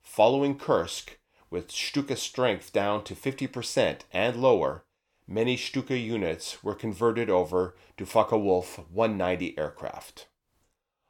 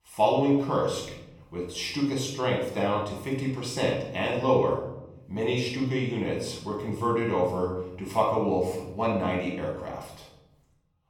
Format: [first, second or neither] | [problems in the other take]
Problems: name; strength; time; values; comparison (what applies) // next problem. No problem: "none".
first | off-mic speech; far // room echo; noticeable; dies away in 1 s